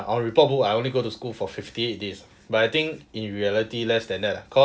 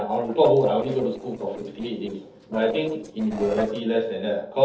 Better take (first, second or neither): first